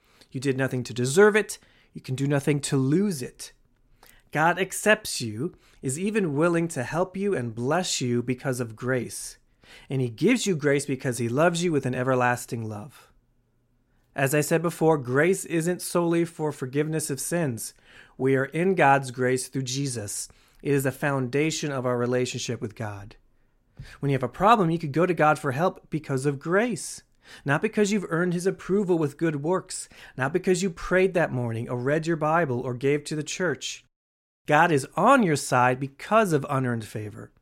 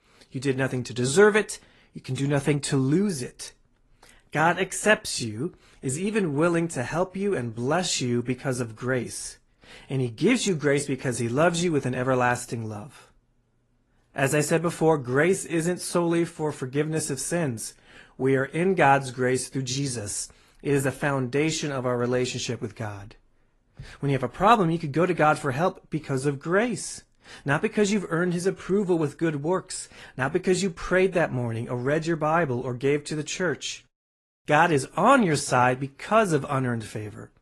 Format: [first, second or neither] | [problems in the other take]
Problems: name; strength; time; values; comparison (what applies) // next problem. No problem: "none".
first | garbled, watery; slightly; nothing above 11 kHz